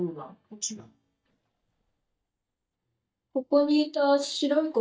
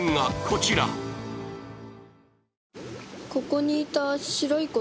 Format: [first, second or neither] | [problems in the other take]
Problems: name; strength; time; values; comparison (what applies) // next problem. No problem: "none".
second | noise reduction (neural mask model DeepFilterNet 3)